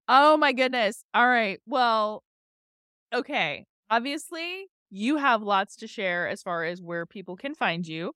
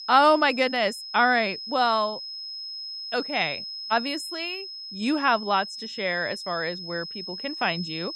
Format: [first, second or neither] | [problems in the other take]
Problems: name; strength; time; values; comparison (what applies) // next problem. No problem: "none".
first | high-pitched whine; loud; throughout; 5 kHz, 9 dB below the speech